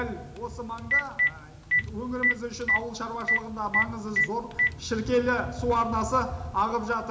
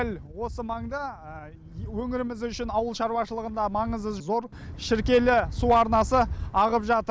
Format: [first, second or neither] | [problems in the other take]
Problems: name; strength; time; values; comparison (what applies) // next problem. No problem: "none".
second | background sound (Telephone); 1 dB below the speech // room echo; dies away in 0.8 s